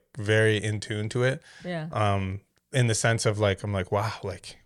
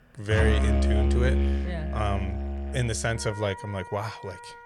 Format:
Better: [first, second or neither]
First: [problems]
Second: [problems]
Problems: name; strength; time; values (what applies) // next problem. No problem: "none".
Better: first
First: none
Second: background music; very loud; throughout; 3 dB above the speech